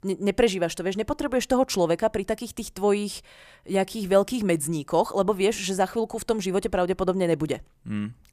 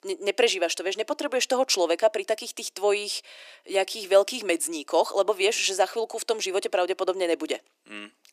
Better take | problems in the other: first | thin; very; fading below 300 Hz

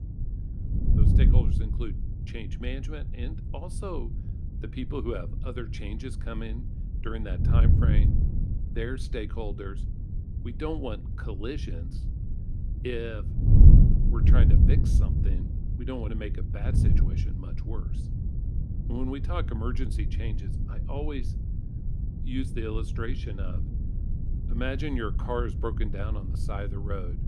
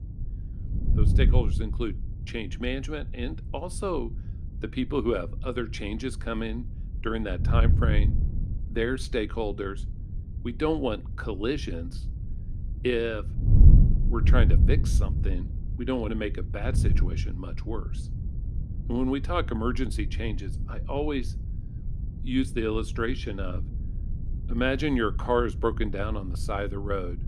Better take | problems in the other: second | wind noise on the microphone; heavy; 4 dB below the speech; occasional gusts in the second

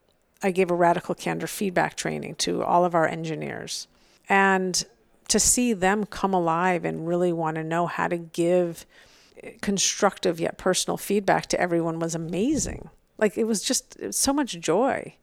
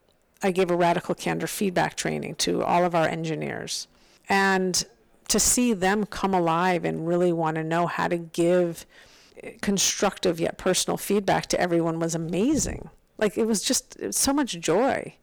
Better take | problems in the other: first | distortion; slight; 6% of the sound clipped

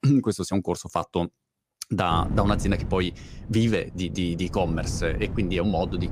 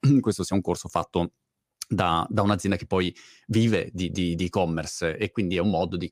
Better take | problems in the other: second | wind noise on the microphone; occasional gusts; from 2 s on; 15 dB below the speech

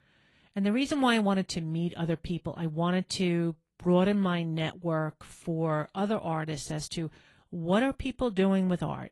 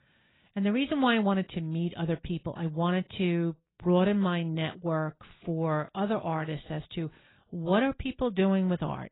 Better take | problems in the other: first | garbled, watery; badly; nothing above 4 kHz; slightly in the first

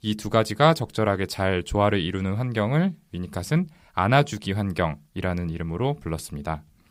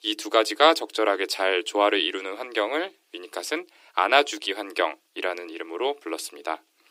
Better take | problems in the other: first | thin; very; fading below 300 Hz

